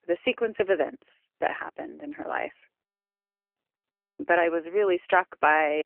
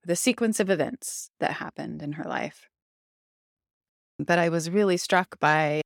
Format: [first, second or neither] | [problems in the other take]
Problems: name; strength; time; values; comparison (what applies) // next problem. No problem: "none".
second | phone-call audio; nothing above 3 kHz